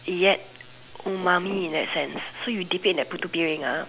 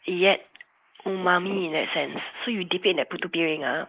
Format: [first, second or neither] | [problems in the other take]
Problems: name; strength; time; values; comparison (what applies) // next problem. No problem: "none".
first | noise reduction (neural mask model Resemble Enhance denoiser)